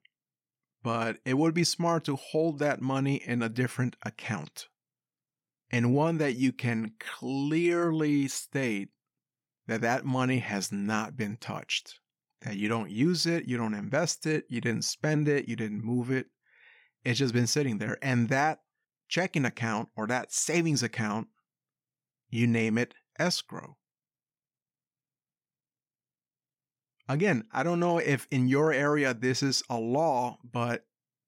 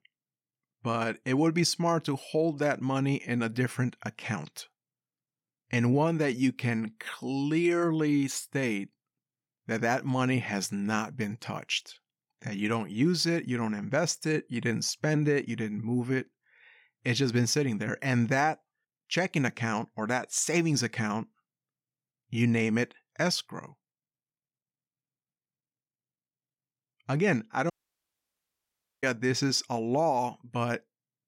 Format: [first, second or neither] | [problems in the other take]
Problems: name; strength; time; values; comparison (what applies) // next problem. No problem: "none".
first | audio cutting out; at 28 s for 1.5 s